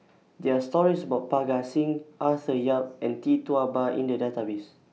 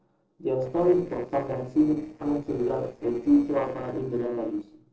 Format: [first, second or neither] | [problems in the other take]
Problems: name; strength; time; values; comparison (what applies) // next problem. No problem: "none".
first | noise reduction (neural separator model SepFormer DNS4)